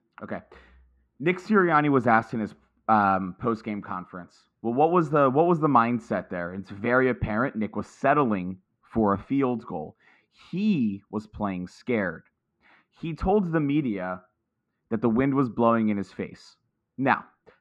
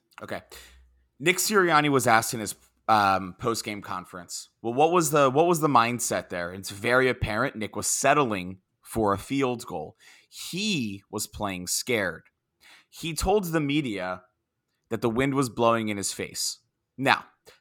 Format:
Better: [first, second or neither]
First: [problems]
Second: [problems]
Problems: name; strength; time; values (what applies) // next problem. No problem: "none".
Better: second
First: muffled; very; fading above 1.5 kHz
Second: none